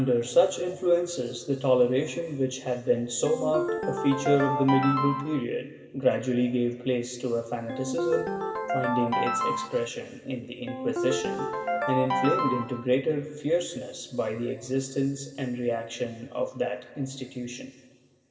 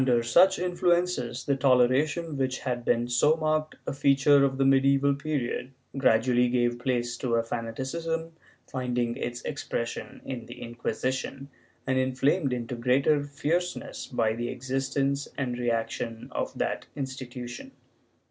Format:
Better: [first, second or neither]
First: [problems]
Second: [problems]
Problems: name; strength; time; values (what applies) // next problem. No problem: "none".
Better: second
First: background sound (Ringtone); 2 dB below the speech // room echo; dies away in 1.7 s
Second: none